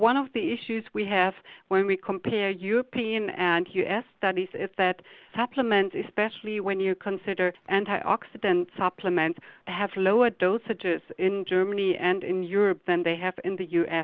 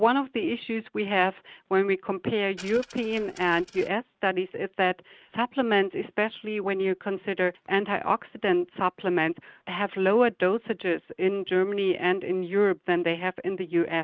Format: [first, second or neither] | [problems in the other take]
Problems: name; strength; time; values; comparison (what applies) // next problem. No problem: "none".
first | noise reduction (neural mask model RNNoise)